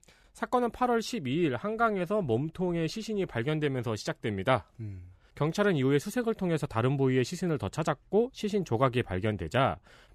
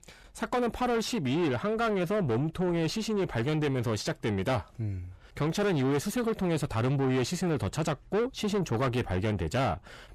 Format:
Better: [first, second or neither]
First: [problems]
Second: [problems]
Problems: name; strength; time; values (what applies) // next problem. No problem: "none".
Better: first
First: none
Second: distortion; heavy; 7 dB below the speech